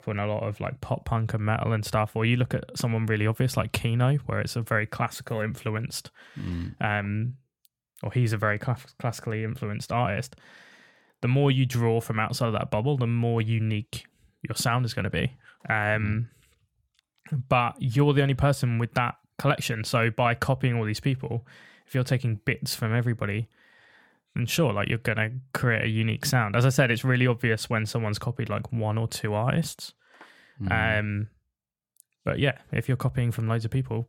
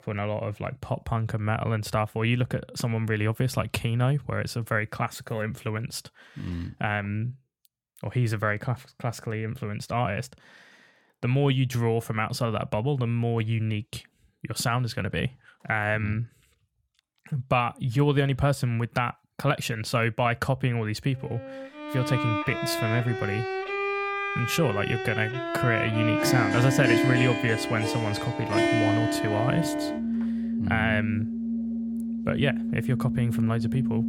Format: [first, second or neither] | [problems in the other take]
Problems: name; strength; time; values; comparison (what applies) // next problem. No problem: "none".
first | background music; loud; from 22 s on; 1 dB below the speech